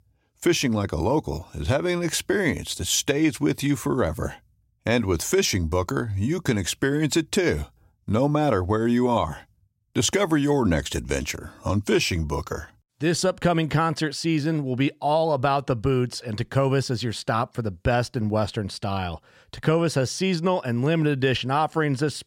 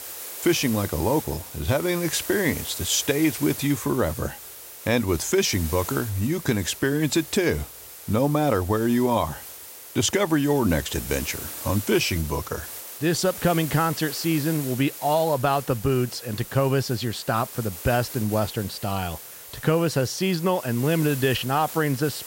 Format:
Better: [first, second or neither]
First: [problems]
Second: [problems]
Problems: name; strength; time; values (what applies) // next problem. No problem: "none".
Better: first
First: none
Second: hiss; noticeable; throughout; 10 dB below the speech